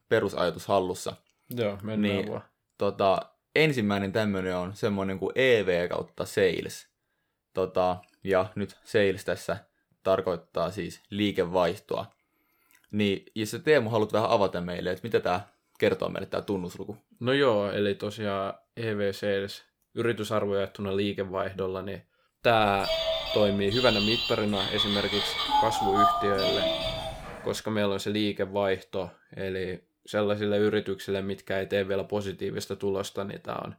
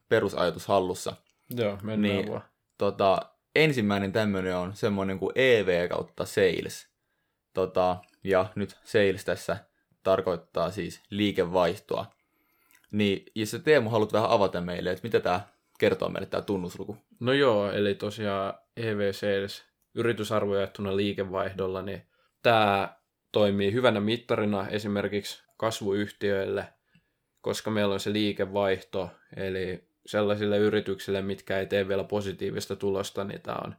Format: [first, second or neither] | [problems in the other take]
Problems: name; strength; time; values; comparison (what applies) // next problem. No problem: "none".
second | phone ringing; loud; from 23 to 27 s; peak 5 dB above the speech